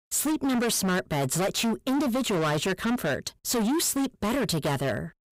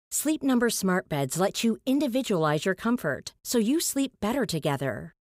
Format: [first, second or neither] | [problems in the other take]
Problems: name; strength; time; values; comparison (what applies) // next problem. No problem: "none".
second | distortion; heavy; 30% of the sound clipped